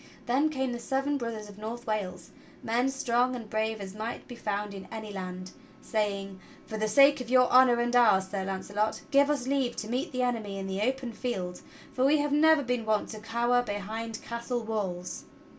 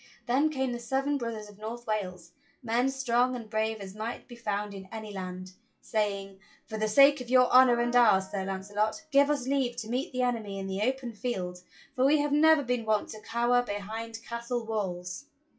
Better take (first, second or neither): first